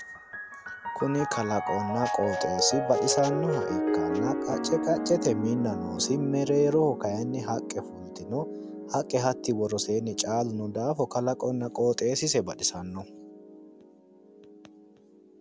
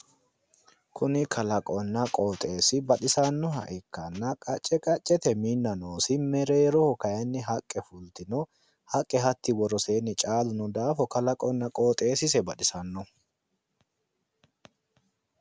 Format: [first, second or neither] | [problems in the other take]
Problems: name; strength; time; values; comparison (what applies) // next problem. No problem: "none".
second | background sound (Piano); 5 dB below the speech